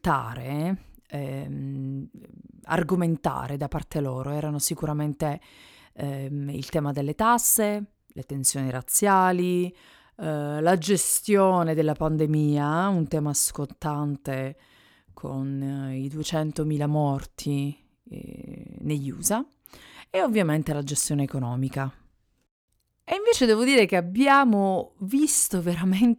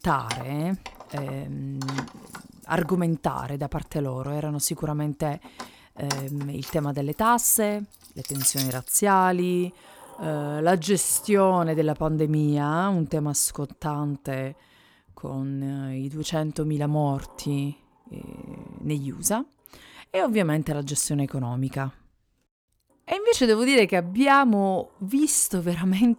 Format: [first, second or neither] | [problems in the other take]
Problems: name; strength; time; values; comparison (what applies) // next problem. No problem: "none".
first | household noises; noticeable; throughout; 15 dB below the speech